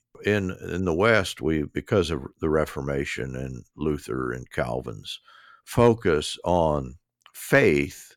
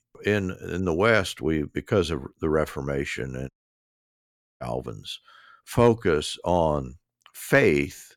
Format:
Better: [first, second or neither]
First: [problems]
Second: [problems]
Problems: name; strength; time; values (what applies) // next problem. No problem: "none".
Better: first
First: none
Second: audio cutting out; at 3.5 s for 1 s